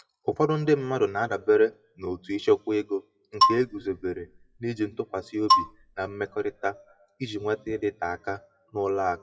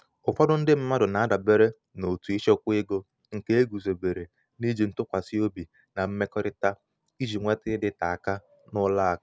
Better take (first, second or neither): second